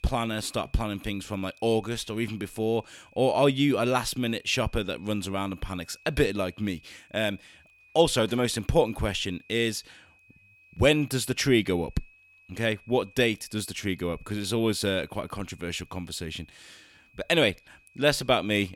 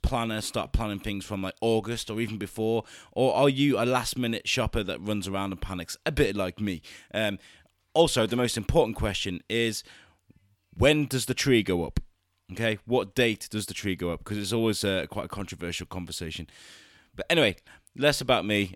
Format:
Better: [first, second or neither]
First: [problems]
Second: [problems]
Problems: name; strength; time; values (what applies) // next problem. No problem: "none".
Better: second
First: high-pitched whine; faint; throughout; 2.5 kHz, 30 dB below the speech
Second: none